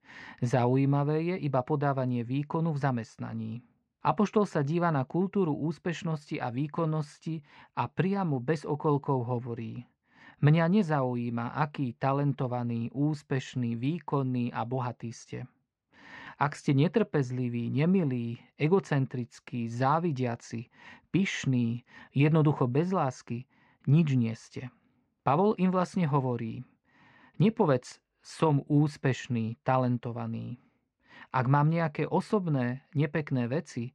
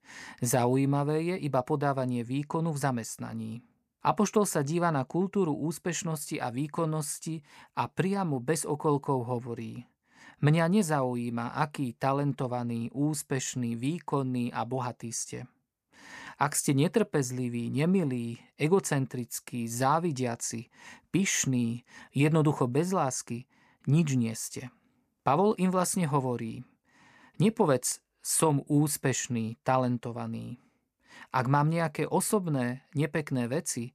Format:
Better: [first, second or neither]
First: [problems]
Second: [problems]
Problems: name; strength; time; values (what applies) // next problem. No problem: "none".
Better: second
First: muffled; slightly; fading above 4 kHz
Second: none